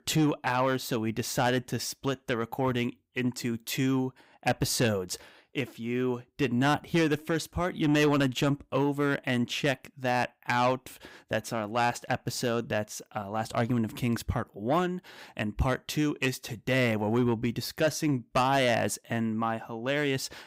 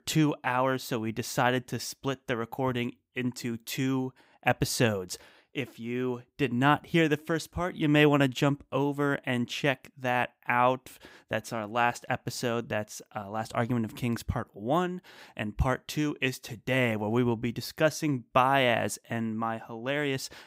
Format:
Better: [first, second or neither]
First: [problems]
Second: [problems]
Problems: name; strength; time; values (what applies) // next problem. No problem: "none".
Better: second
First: distortion; slight; 10 dB below the speech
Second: none